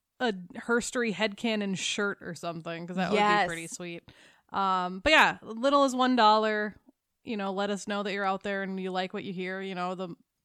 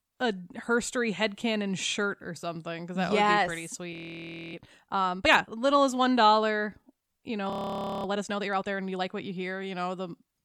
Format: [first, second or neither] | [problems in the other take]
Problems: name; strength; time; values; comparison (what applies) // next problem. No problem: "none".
first | audio freezing; at 4 s for 0.5 s and at 7.5 s for 0.5 s